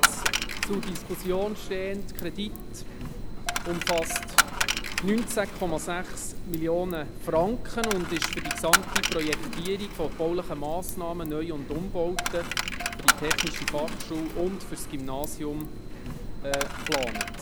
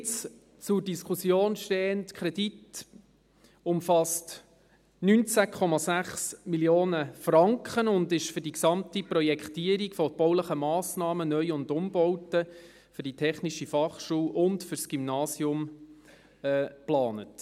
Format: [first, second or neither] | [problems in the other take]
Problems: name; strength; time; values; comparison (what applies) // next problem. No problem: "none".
second | background sound (Coin (dropping)); 1 dB above the speech